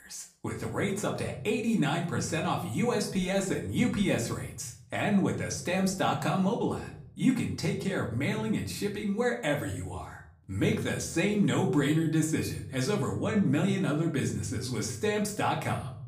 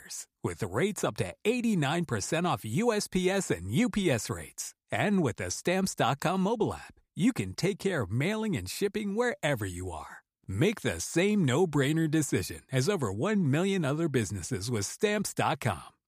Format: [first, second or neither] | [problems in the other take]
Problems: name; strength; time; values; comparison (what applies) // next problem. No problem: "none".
second | room echo; slight; dies away in 0.5 s // off-mic speech; somewhat distant